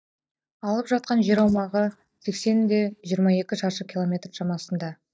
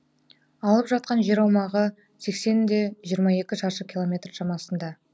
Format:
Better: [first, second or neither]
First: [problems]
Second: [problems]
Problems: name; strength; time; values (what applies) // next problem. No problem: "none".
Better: second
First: noise reduction (neural mask model DeepFilterNet 3)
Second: none